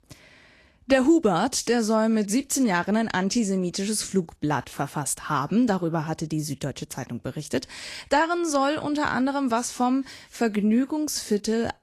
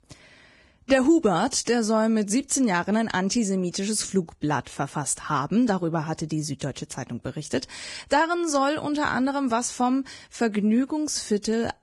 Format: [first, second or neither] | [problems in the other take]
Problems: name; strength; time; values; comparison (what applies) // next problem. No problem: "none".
first | garbled, watery; badly; nothing above 10.5 kHz; slightly in the first